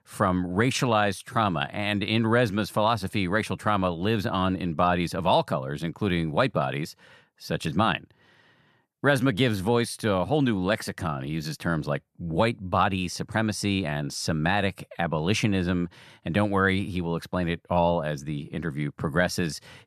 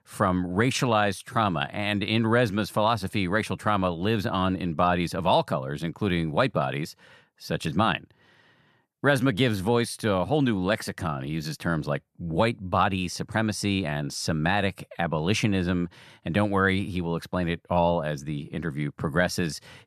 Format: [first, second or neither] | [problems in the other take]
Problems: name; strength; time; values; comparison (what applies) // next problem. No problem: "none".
neither | none